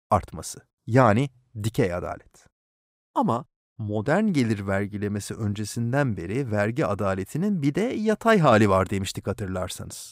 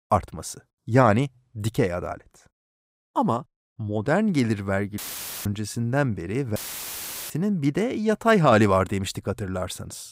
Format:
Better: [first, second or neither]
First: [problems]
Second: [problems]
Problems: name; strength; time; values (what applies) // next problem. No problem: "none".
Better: first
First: none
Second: audio cutting out; filled with static; at 5 s and at 6.5 s for 0.5 s